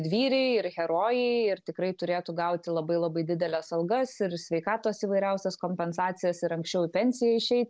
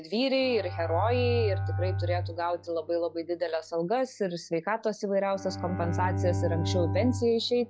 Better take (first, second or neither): first